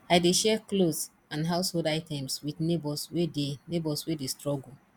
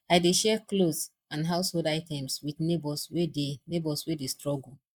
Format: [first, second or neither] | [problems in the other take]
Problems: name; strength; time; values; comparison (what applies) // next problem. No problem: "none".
first | noise reduction (neural mask model Resemble Enhance denoiser)